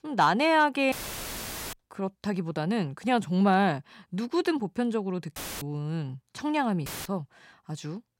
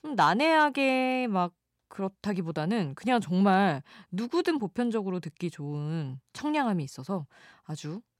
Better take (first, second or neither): second